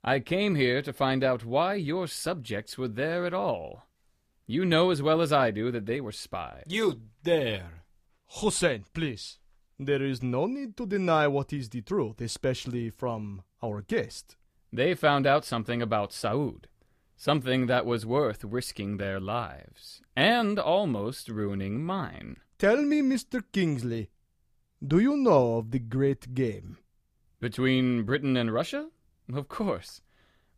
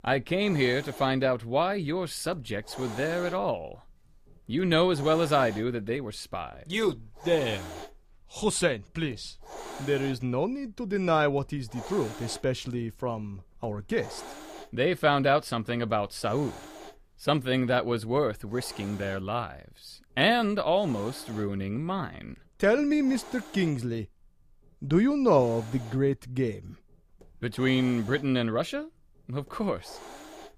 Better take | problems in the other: first | hiss; noticeable; throughout; 15 dB below the speech

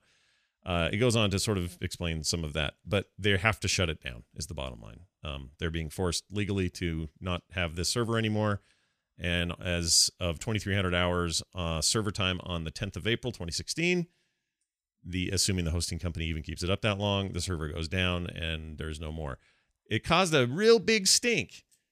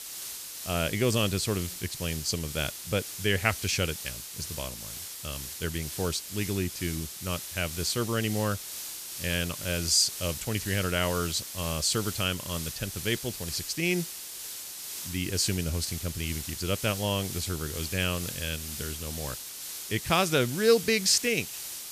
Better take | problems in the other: first | hiss; loud; throughout; 7 dB below the speech

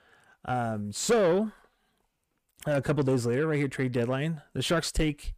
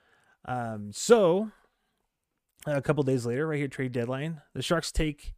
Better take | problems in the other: second | distortion; heavy; 8 dB below the speech

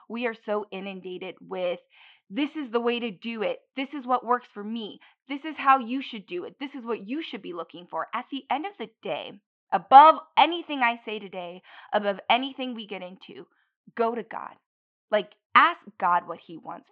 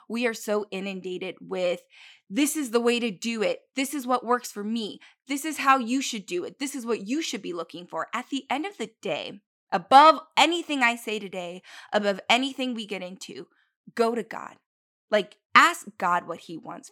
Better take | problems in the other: second | muffled; very; fading above 3.5 kHz

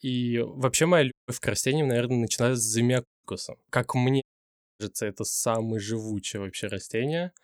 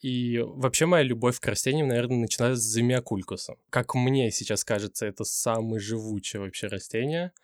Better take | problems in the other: second | audio cutting out; at 1 s, at 3 s and at 4 s for 0.5 s

